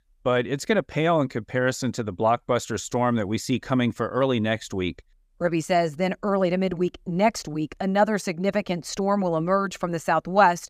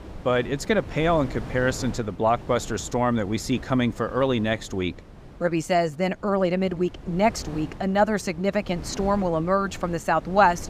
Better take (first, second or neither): first